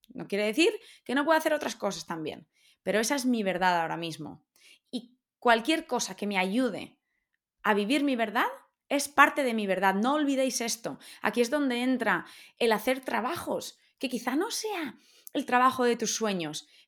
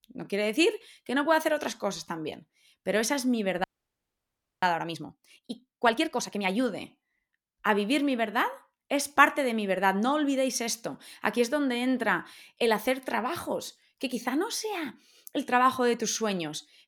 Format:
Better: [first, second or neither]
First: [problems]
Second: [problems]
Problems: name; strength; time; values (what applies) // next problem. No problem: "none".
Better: first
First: none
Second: audio freezing; at 3.5 s for 1 s